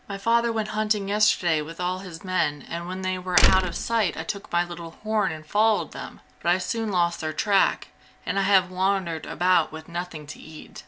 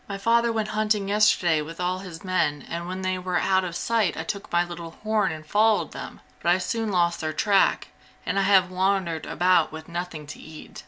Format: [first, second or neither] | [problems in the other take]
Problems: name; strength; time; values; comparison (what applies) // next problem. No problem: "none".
second | background sound (Slam); 3 dB above the speech